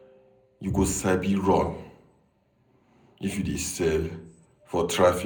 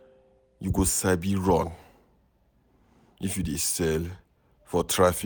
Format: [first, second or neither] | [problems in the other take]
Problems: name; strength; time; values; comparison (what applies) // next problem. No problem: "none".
second | room echo; dies away in 0.5 s